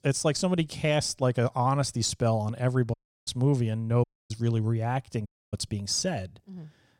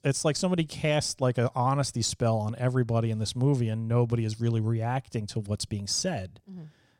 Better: second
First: audio cutting out; at 3 s, at 4 s and at 5.5 s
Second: none

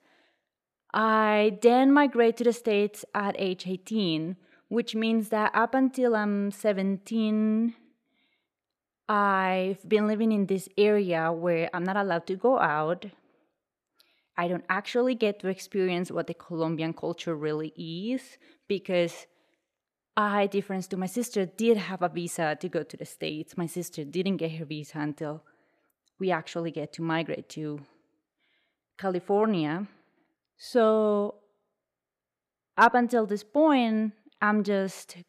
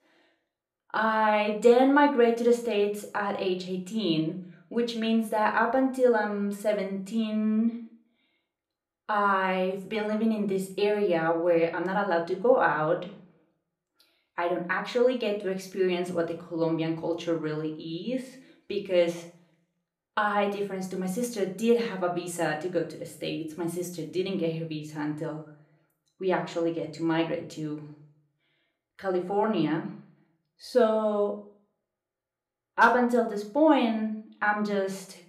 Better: first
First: none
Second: room echo; slight; dies away in 0.4 s // off-mic speech; somewhat distant

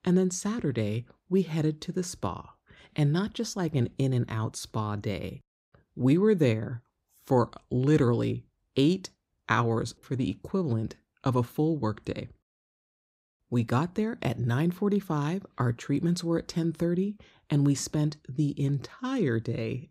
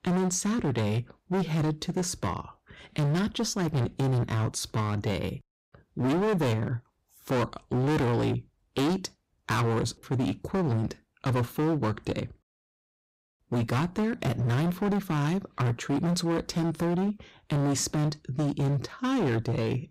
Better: first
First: none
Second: distortion; heavy; 21% of the sound clipped

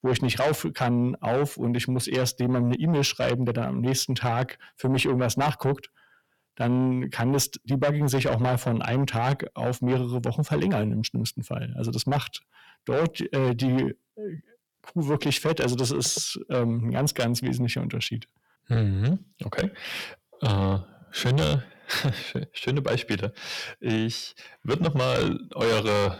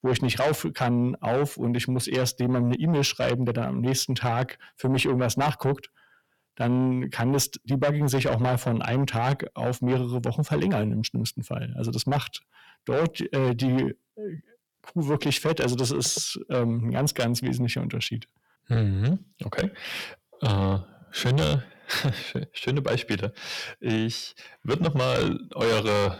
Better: neither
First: distortion; heavy; 7 dB below the speech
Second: distortion; heavy; 7 dB below the speech

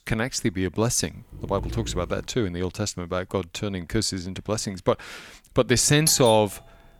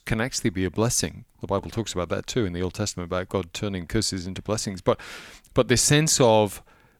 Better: second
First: dog barking; noticeable; from 1 to 2.5 s; peak 10 dB below the speech // doorbell; noticeable; at 6 s; peak 1 dB below the speech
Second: none

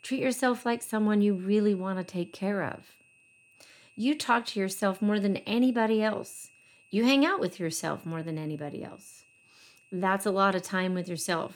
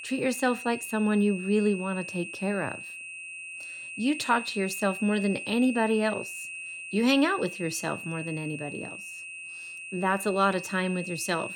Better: first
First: high-pitched whine; faint; throughout; 2.5 kHz, 30 dB below the speech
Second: high-pitched whine; loud; throughout; 2.5 kHz, 9 dB below the speech

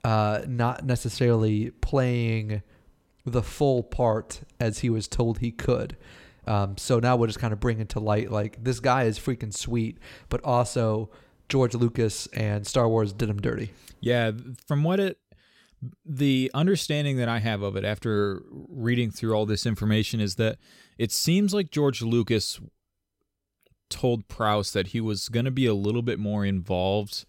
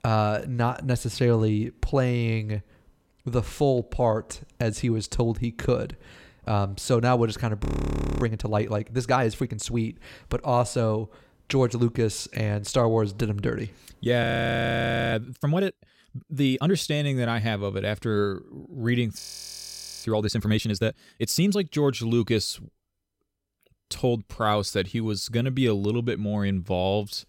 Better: first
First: none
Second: audio freezing; at 7.5 s for 0.5 s, at 14 s for 1 s and at 19 s for 1 s

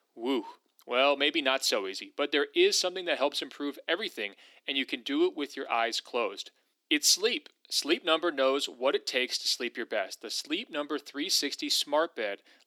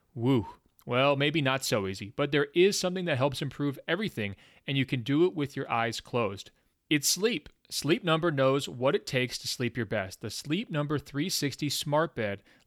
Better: second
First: thin; somewhat; fading below 300 Hz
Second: none

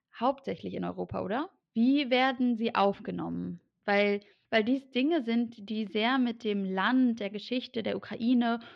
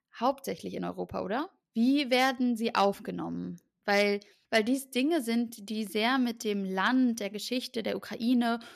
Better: second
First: muffled; slightly; fading above 3.5 kHz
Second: none

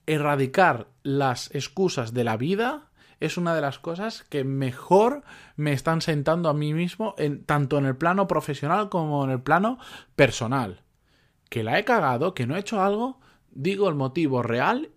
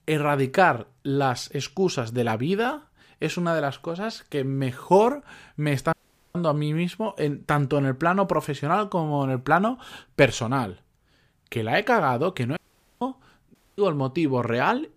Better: first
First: none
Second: audio cutting out; at 6 s, at 13 s and at 14 s

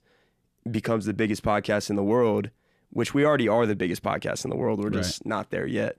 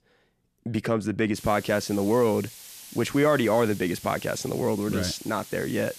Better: first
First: none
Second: hiss; noticeable; from 1.5 s on; 15 dB below the speech

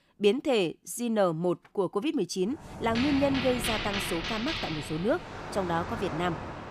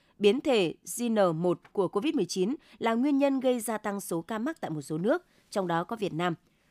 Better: second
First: rain or running water; loud; from 2.5 s on; 5 dB below the speech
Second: none

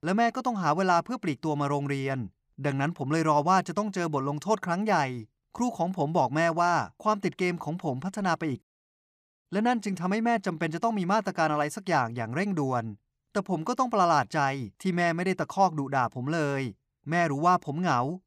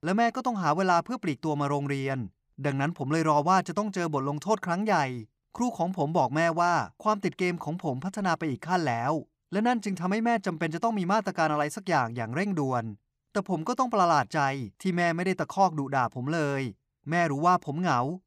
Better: second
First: audio cutting out; at 8.5 s for 1 s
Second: none

